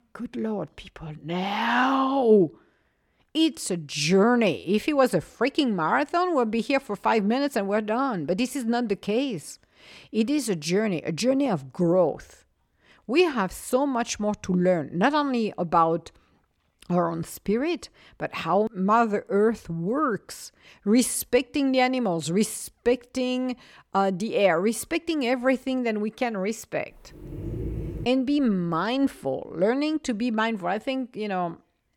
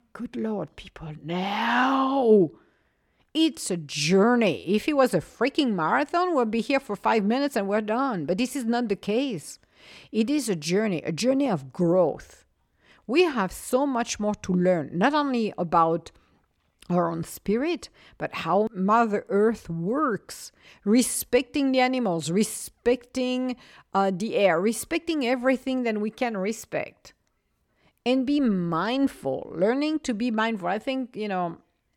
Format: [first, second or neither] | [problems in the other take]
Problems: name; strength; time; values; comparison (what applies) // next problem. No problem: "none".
second | dog barking; noticeable; at 27 s; peak 8 dB below the speech